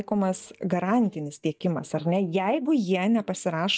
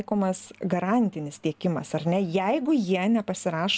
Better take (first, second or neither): second